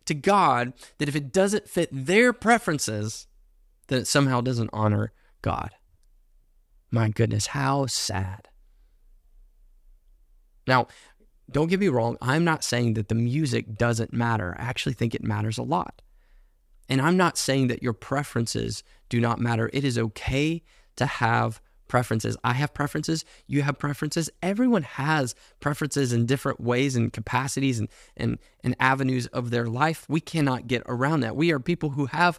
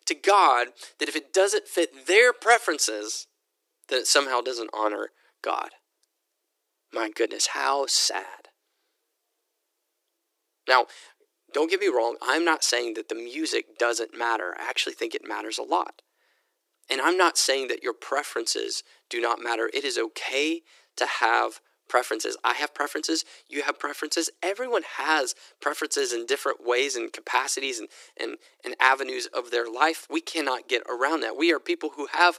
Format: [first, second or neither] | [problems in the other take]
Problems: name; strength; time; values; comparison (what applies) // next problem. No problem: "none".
first | thin; very; fading below 300 Hz